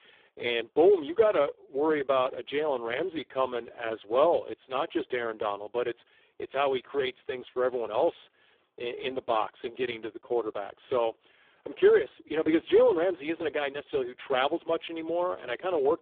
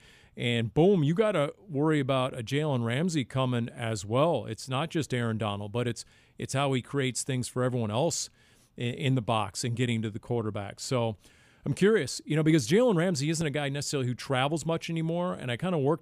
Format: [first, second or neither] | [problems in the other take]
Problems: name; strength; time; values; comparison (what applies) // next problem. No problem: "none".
second | phone-call audio; poor line; nothing above 3.5 kHz